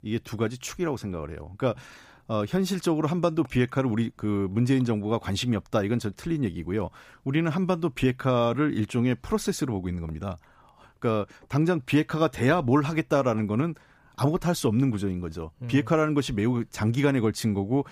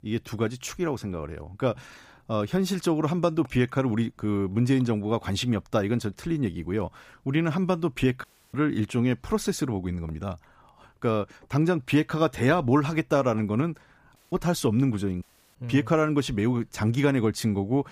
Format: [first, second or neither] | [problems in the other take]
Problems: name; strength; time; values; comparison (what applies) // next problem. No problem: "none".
first | audio cutting out; at 8 s, at 14 s and at 15 s